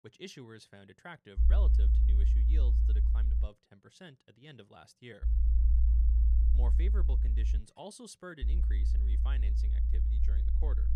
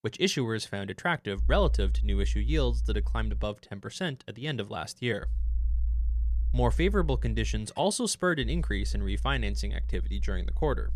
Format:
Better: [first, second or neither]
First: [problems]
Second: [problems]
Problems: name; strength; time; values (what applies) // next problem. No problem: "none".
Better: second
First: low rumble; loud; from 1.5 to 3.5 s, from 5 to 7.5 s and from 8.5 s on; as loud as the speech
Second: low rumble; faint; from 1.5 to 3.5 s, from 5 to 7.5 s and from 8.5 s on; 20 dB below the speech